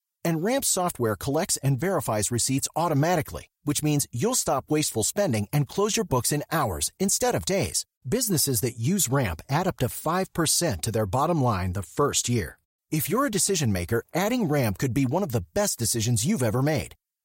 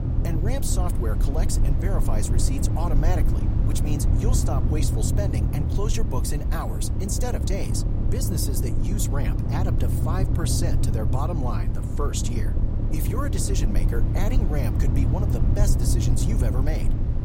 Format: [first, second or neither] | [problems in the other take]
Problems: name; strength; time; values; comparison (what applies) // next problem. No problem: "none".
first | low rumble; loud; throughout; 3 dB below the speech